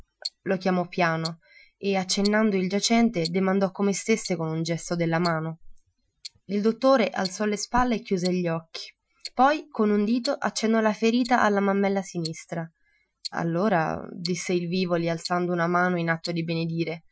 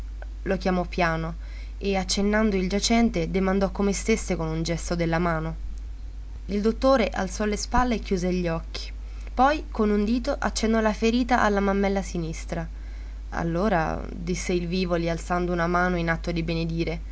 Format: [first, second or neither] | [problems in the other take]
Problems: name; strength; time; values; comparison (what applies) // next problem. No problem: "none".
second | noise reduction (classical method Wiener filter)